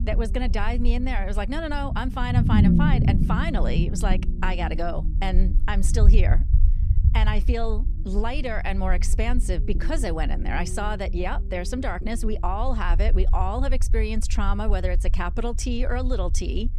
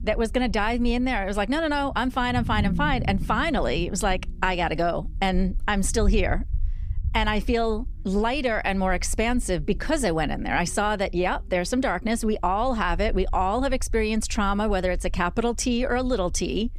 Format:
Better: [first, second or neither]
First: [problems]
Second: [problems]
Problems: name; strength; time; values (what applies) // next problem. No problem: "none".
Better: second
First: low rumble; loud; throughout; 9 dB below the speech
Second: low rumble; faint; throughout; 25 dB below the speech